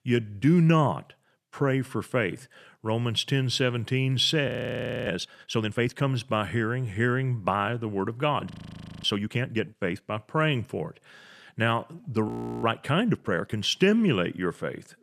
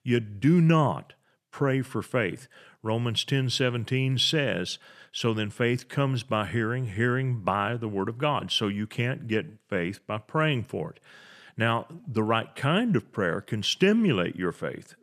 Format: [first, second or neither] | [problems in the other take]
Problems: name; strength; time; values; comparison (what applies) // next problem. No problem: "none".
second | audio freezing; at 4.5 s for 0.5 s, at 8.5 s for 0.5 s and at 12 s